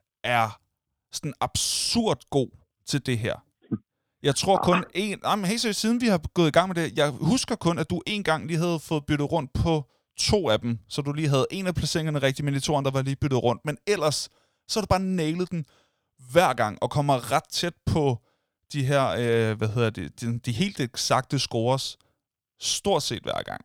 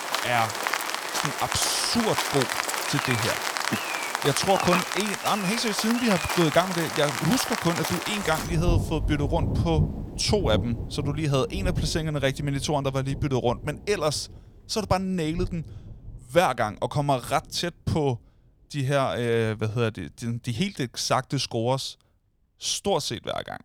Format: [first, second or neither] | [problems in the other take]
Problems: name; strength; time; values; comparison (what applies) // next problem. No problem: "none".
first | rain or running water; loud; throughout; 2 dB below the speech